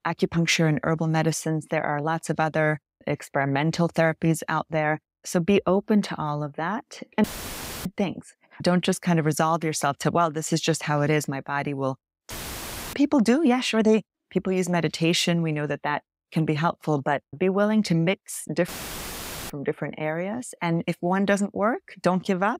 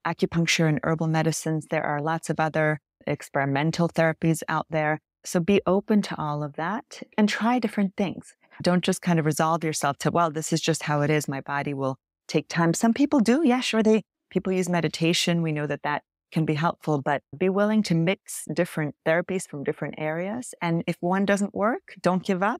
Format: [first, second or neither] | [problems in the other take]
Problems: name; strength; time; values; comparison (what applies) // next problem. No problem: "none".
second | audio cutting out; filled with static; at 7 s for 0.5 s, at 12 s for 0.5 s and at 19 s for 1 s